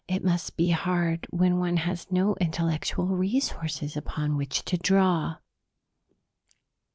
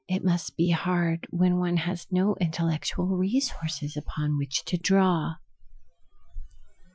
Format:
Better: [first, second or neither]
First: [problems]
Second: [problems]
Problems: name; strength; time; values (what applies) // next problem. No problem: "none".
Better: first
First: none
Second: noise reduction (classical method Wiener filter)